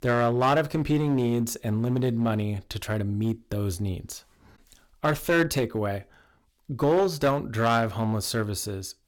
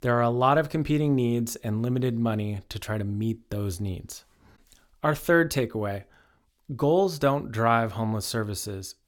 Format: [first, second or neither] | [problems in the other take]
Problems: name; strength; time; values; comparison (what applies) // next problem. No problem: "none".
second | distortion; slight; 5% of the sound clipped